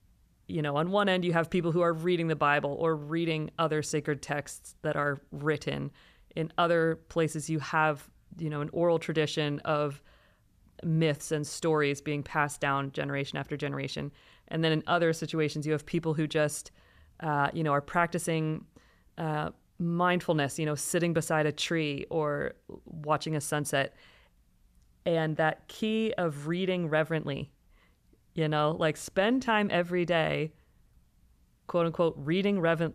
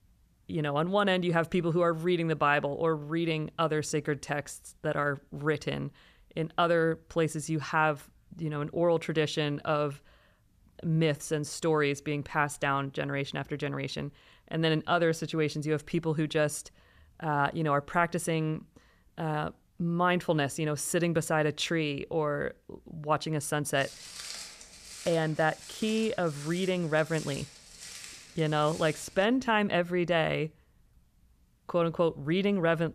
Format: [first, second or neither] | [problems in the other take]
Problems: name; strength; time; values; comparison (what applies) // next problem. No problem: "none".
first | footsteps; noticeable; from 24 to 29 s; peak 9 dB below the speech